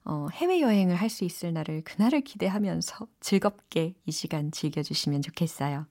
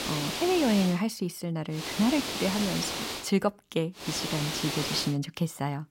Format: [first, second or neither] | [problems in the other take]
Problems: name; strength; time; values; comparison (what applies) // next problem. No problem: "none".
first | hiss; loud; at the start, from 2 to 3 s and from 4 to 5 s; 3 dB below the speech